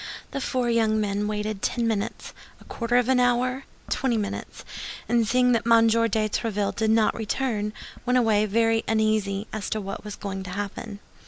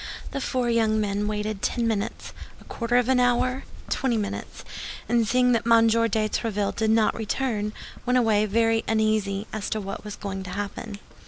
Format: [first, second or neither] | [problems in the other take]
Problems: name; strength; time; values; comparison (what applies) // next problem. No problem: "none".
first | background sound (Hands + Rain); 14 dB below the speech